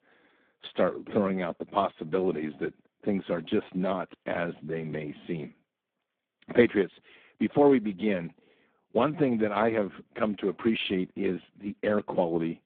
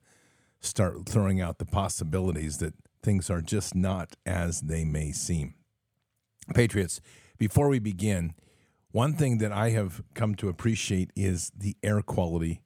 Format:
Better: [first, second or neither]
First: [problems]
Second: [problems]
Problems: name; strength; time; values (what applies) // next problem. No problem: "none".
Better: second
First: phone-call audio; poor line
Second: none